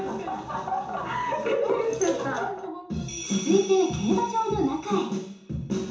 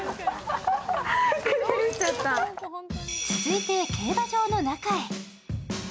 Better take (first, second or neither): second